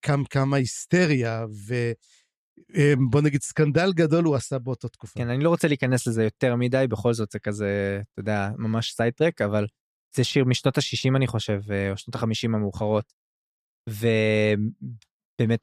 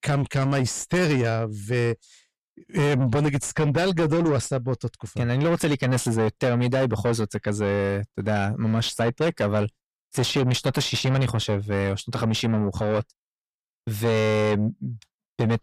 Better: first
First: none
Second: distortion; heavy; 7 dB below the speech

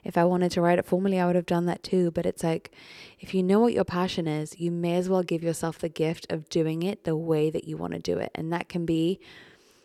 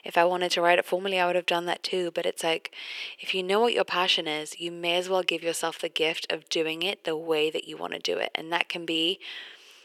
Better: first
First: none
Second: thin; very; fading below 550 Hz

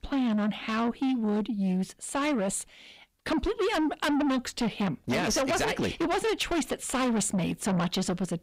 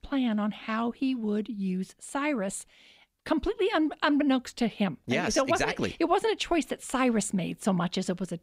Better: second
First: distortion; heavy; 7 dB below the speech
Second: none

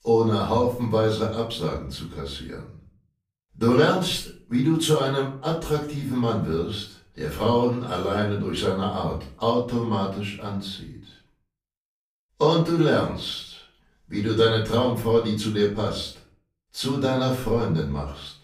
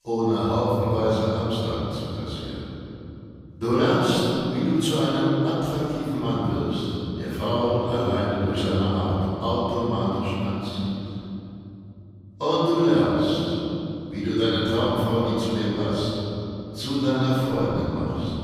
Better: first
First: room echo; slight; dies away in 0.4 s // off-mic speech; far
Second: room echo; strong; dies away in 3 s // off-mic speech; far

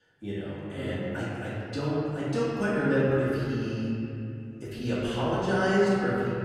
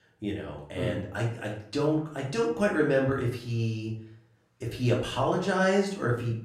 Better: second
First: room echo; strong; dies away in 2.9 s // off-mic speech; far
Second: room echo; slight; dies away in 0.5 s // off-mic speech; far

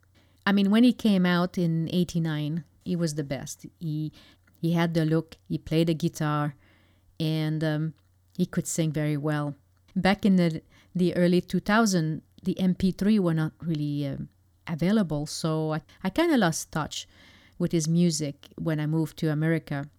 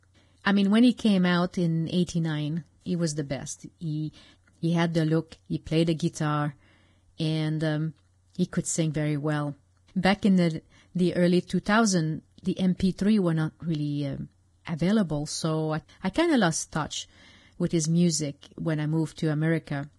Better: first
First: none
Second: garbled, watery; badly; nothing above 10.5 kHz

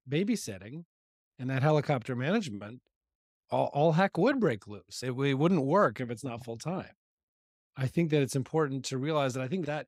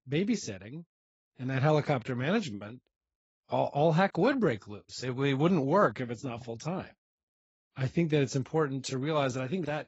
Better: first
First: none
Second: garbled, watery; badly; nothing above 7.5 kHz

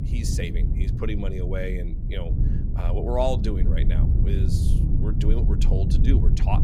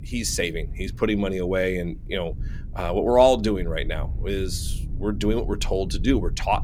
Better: second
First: low rumble; loud; throughout; 5 dB below the speech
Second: low rumble; faint; throughout; 25 dB below the speech

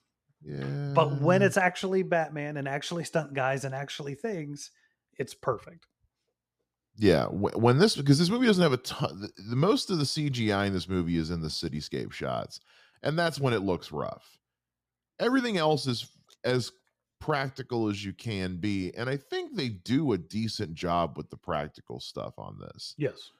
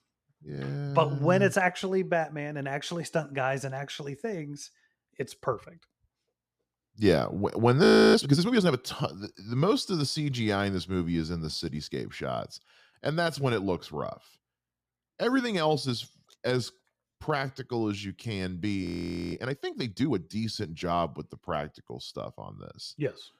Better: first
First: none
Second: audio freezing; at 8 s and at 19 s

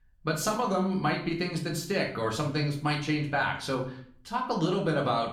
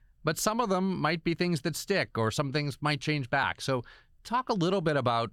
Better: second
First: room echo; slight; dies away in 0.5 s // off-mic speech; somewhat distant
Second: none

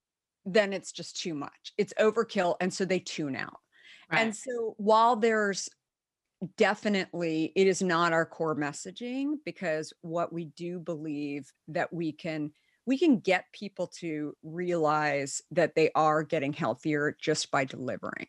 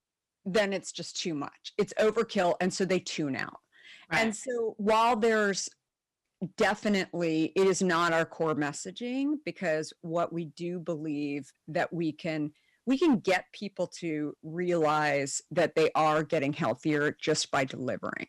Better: first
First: none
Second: distortion; slight; 4% of the sound clipped

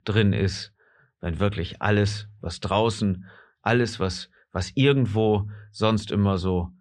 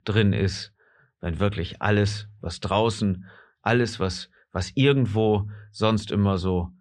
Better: neither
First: muffled; slightly; fading above 4 kHz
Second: muffled; slightly; fading above 4 kHz

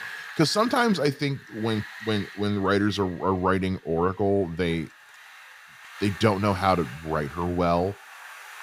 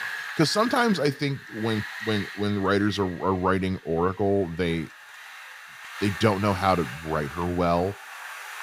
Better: first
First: wind noise on the microphone; occasional gusts; 15 dB below the speech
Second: wind noise on the microphone; heavy; 10 dB below the speech

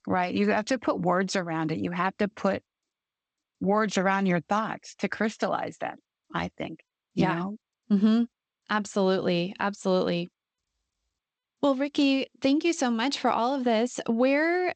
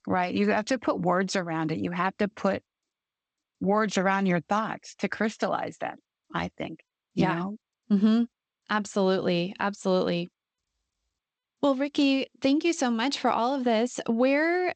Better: neither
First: garbled, watery; slightly; nothing above 8 kHz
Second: garbled, watery; slightly; nothing above 8 kHz

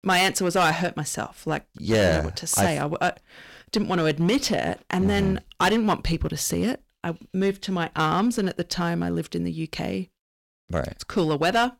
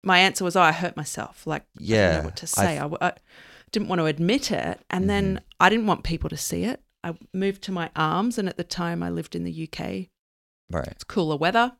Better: second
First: distortion; heavy; 5% of the sound clipped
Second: none

